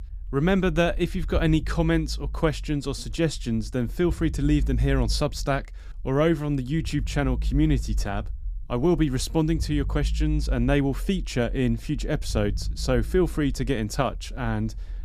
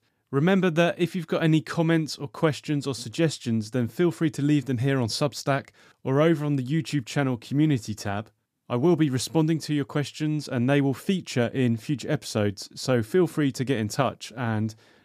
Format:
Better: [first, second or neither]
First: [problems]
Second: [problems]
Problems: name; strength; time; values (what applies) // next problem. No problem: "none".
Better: second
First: low rumble; faint; throughout; 25 dB below the speech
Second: none